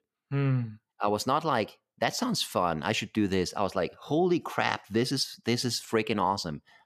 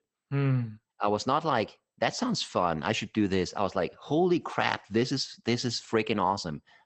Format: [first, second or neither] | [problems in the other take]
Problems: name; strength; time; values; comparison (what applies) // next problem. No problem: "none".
first | garbled, watery; slightly; nothing above 8 kHz